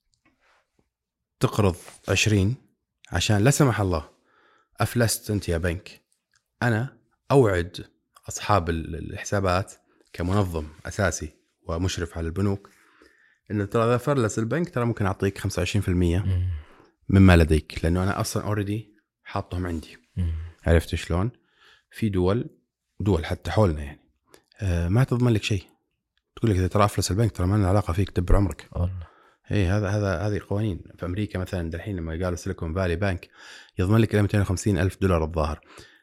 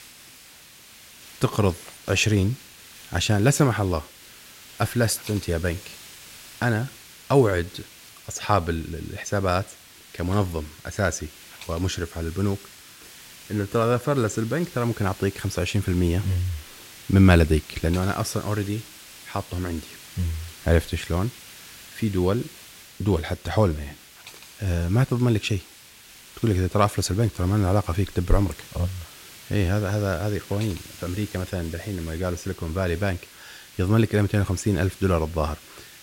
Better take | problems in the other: first | hiss; noticeable; throughout; 20 dB below the speech

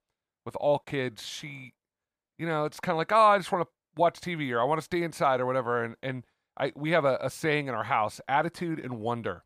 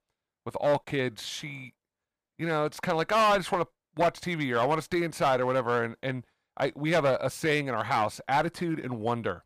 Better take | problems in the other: first | distortion; slight; 5% of the sound clipped

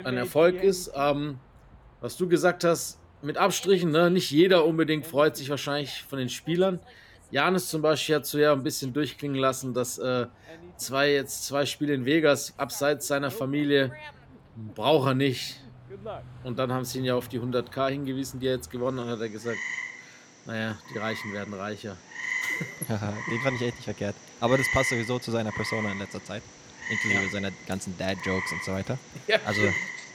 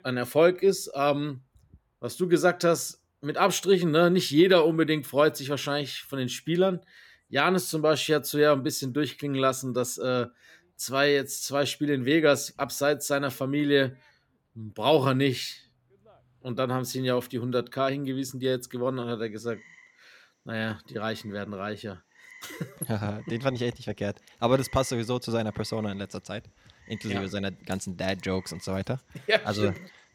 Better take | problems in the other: second | animal sounds; loud; throughout; 6 dB below the speech; faint in the second

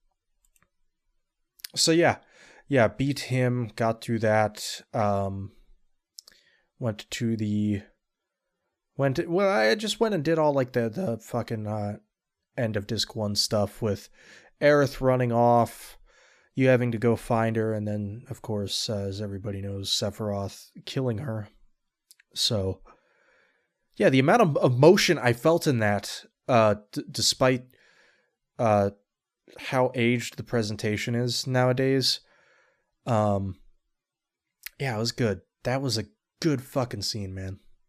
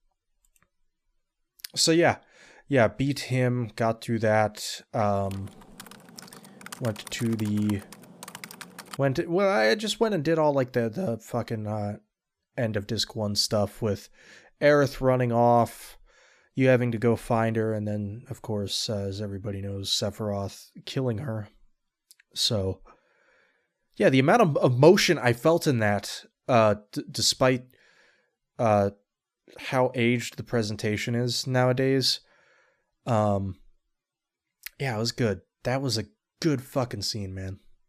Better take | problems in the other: first | keyboard typing; faint; from 5 to 9 s; peak 15 dB below the speech

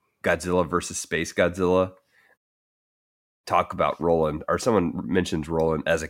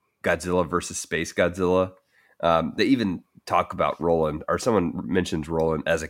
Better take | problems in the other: second | audio cutting out; at 2.5 s for 1 s

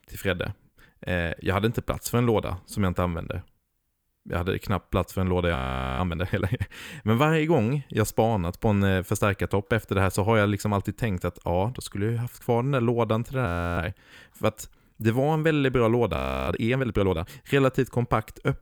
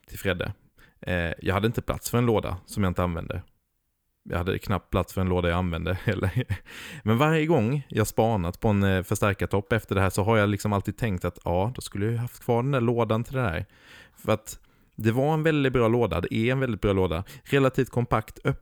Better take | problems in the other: second | audio freezing; at 5.5 s, at 13 s and at 16 s

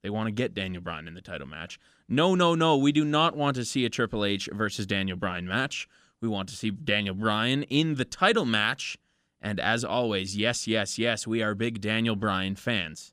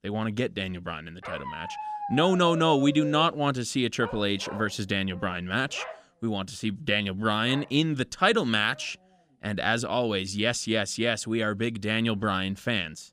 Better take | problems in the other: first | dog barking; noticeable; from 1 to 9 s; peak 8 dB below the speech

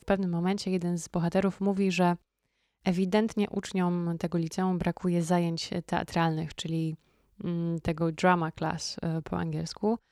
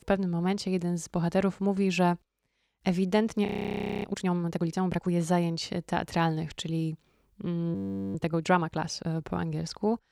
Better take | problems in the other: first | audio freezing; at 3.5 s for 0.5 s and at 8 s

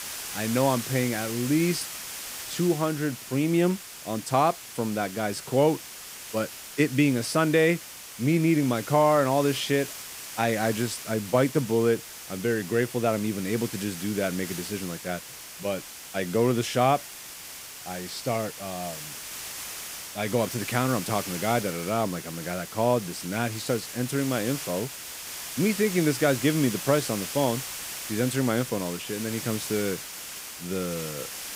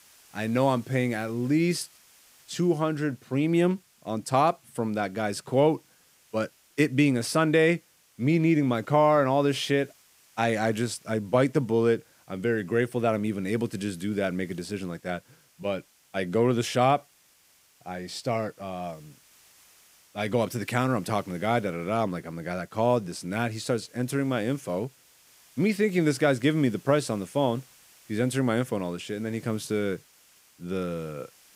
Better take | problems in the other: second | hiss; loud; throughout; 9 dB below the speech; faint in the second

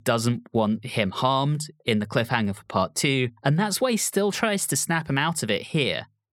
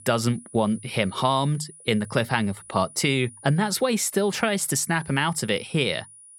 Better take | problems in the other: first | high-pitched whine; noticeable; throughout; 9.5 kHz, 20 dB below the speech

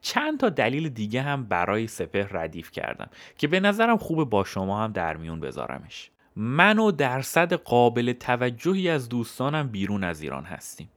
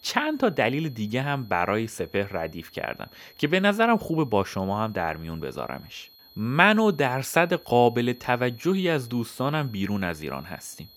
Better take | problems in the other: first | high-pitched whine; faint; throughout; 4.5 kHz, 25 dB below the speech

